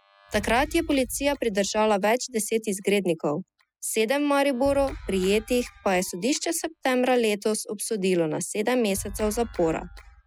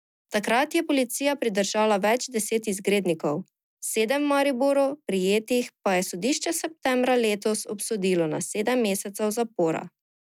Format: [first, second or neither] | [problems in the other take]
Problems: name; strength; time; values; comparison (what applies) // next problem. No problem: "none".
second | noise reduction (classical method spectral subtraction)